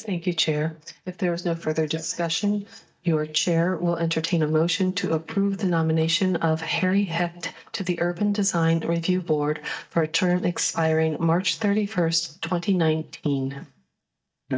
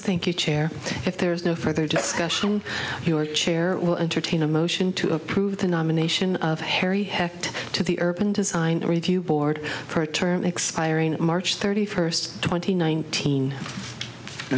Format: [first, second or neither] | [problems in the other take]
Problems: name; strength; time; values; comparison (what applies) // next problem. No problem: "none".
second | noise reduction (neural mask model DeepFilterNet 3)